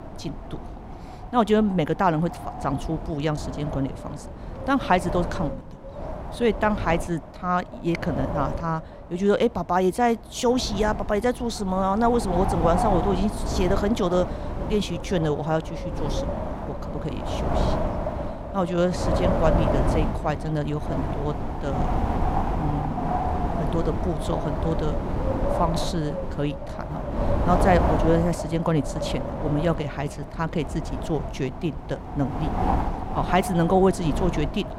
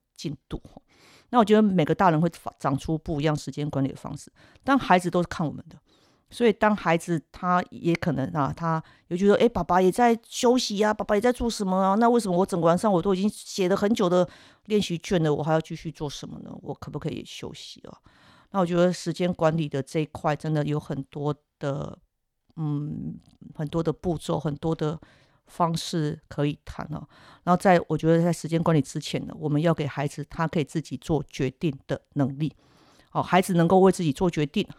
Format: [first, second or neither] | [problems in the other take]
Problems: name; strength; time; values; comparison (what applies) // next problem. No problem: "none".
second | wind noise on the microphone; heavy; 4 dB below the speech